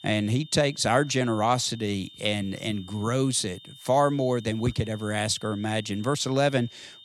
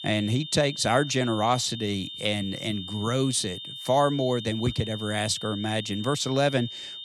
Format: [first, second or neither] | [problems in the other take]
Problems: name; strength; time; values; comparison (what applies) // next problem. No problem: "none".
first | high-pitched whine; loud; throughout; 3.5 kHz, 10 dB below the speech; faint in the first